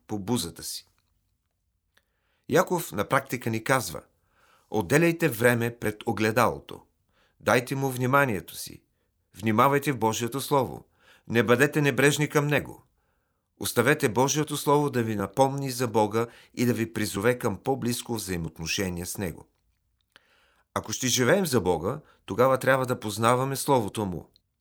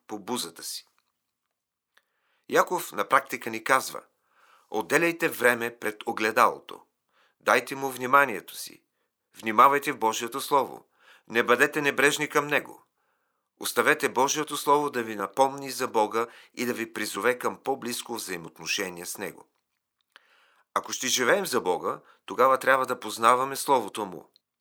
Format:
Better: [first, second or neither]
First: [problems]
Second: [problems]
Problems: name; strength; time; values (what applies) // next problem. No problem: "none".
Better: first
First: none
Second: thin; somewhat; fading below 300 Hz